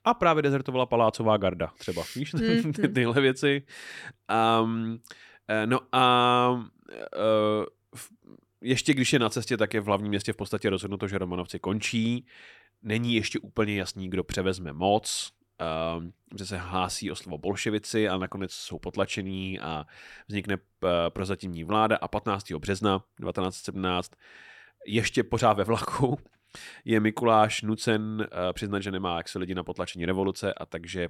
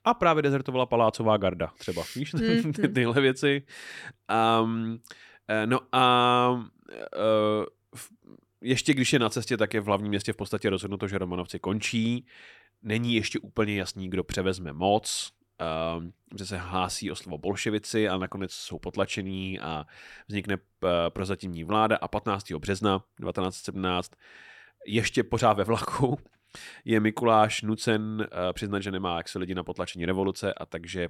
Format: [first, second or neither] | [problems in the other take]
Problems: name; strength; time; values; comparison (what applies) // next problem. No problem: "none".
neither | none